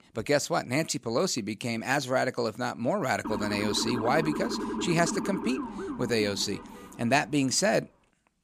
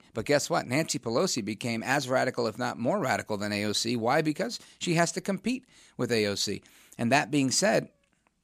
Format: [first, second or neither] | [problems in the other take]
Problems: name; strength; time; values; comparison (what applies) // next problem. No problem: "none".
second | siren; noticeable; from 3 to 7 s; peak 4 dB below the speech